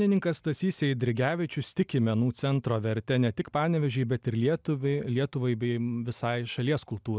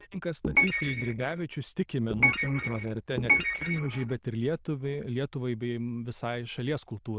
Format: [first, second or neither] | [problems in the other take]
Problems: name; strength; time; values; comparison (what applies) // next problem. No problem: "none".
first | noise reduction (neural diffusion model UNIVERSE++)